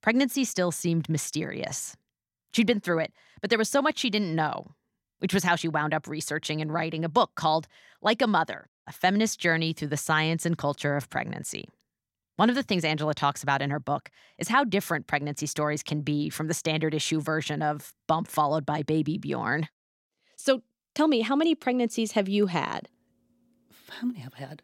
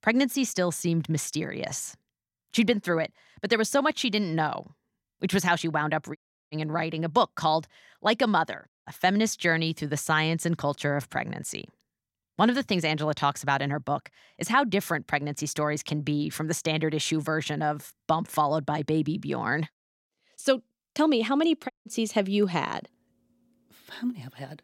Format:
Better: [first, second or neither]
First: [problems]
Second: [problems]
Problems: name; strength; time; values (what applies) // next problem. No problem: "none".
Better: first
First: none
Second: audio cutting out; at 6 s and at 22 s